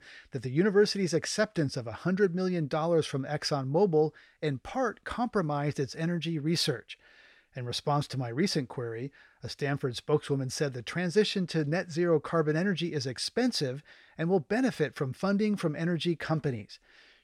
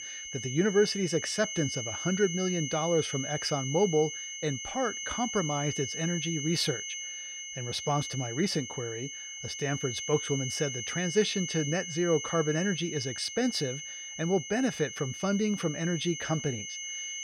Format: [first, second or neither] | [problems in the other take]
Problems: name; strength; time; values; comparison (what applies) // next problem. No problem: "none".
first | high-pitched whine; loud; throughout; 3 kHz, 5 dB below the speech